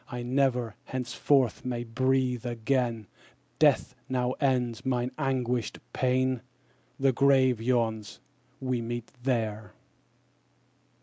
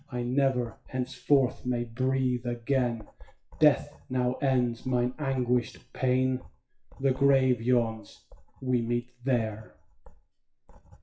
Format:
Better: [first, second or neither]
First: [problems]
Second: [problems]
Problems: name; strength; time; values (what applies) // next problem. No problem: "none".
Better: first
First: none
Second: noise reduction (classical method WPE with log-MMSE)